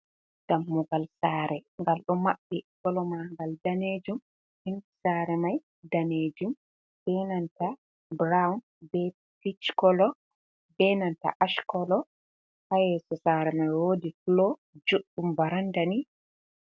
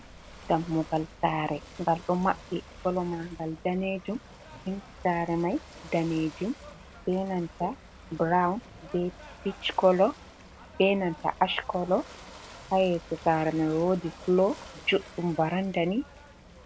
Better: first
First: none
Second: background sound (Ocean / Boat, Water vehicle); 18 dB below the speech

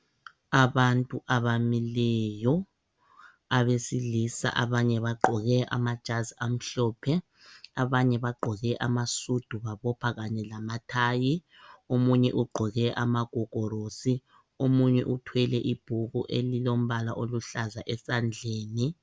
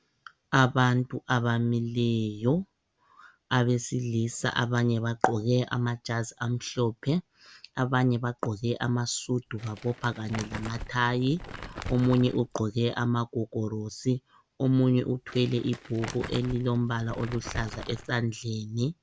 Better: first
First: none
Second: background sound (Crumpling, crinkling); 13 dB below the speech

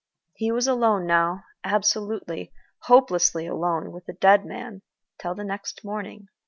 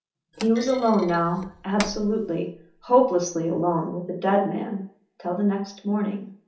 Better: first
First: none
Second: background sound (Thump, thud); 14 dB below the speech // room echo; dies away in 0.6 s

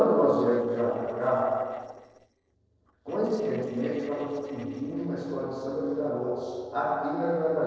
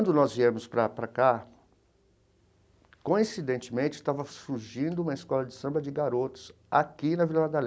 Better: second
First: noise reduction (neural separator model SepFormer DNS4)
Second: none

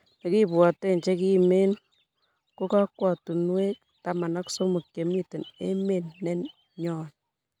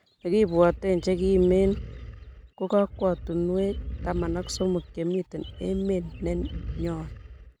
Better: first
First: none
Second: background sound (Animal); 11 dB below the speech

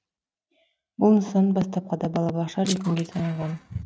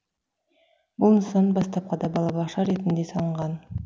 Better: second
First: noise reduction (neural mask model RNNoise)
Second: none

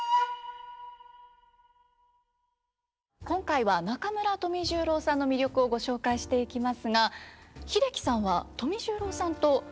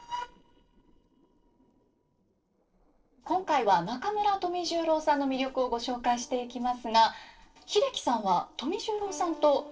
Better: first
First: none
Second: noise reduction (neural separator model SepFormer DNS4)

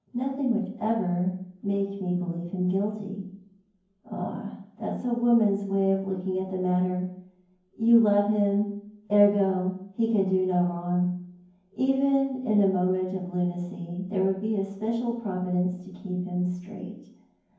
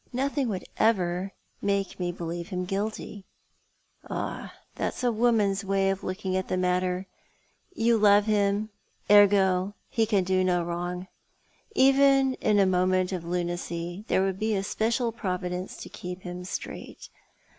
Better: second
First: room echo; dies away in 0.9 s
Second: none

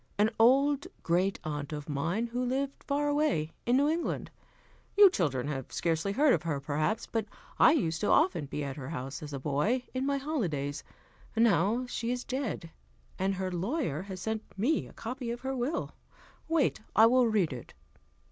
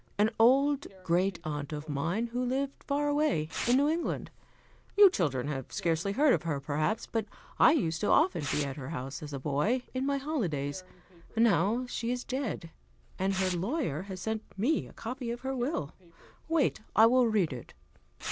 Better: first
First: none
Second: background sound (Tearing); 18 dB below the speech

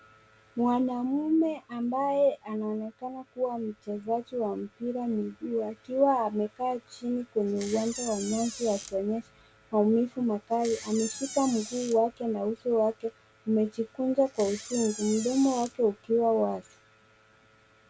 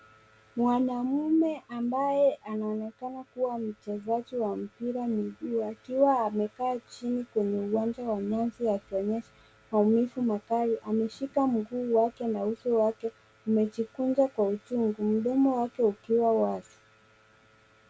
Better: second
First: background sound (Door); 12 dB below the speech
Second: none

